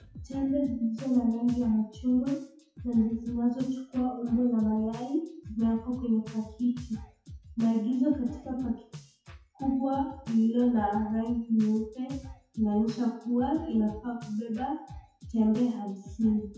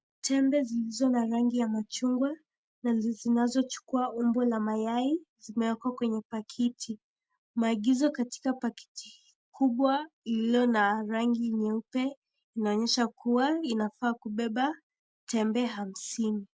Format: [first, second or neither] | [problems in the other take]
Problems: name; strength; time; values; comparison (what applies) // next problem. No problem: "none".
second | noise reduction (classical method WPE with log-MMSE)